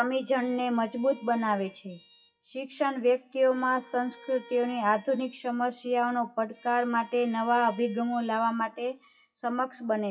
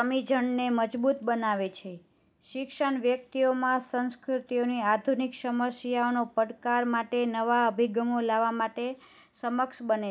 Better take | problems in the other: second | noise reduction (classical method WPE with log-MMSE)

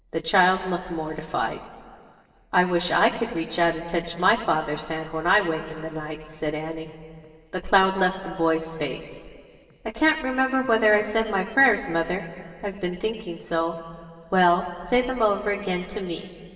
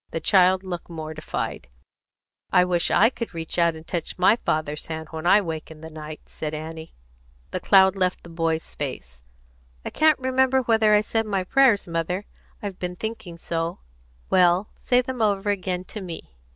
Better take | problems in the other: second | noise reduction (neural separator model SepFormer DNS4)

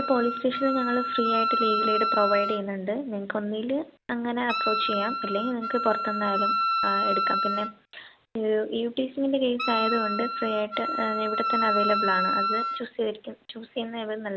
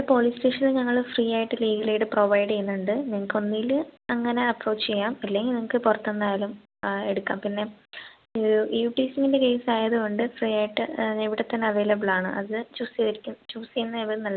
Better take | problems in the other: second | background sound (Wind instrument, woodwind instrument); 1 dB below the speech

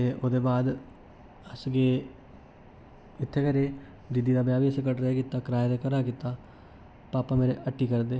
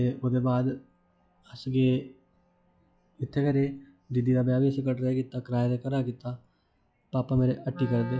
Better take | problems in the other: first | noise reduction (classical method log-MMSE)

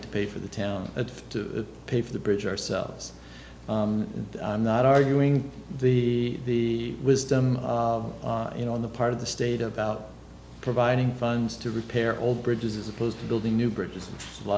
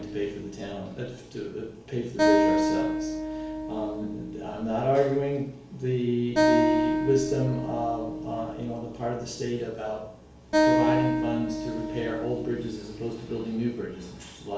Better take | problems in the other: first | background sound (Acoustic guitar); 1 dB above the speech // room echo; dies away in 0.4 s

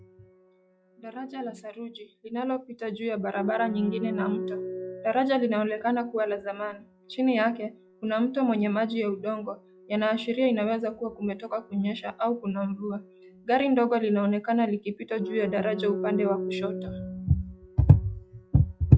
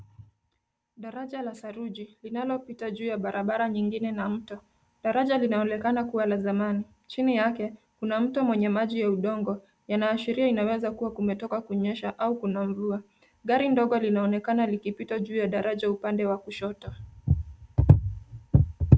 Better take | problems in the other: second | noise reduction (classical method log-MMSE)

